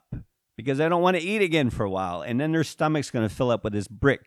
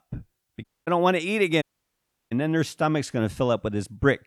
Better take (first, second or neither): first